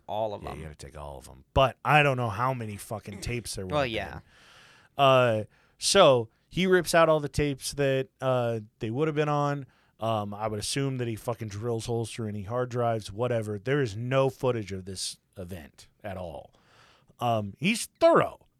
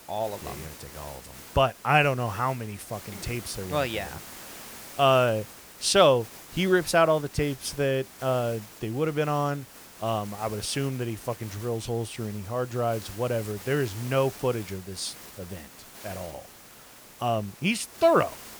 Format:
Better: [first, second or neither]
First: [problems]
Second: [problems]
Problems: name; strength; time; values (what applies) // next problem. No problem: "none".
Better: first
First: none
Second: hiss; noticeable; throughout; 15 dB below the speech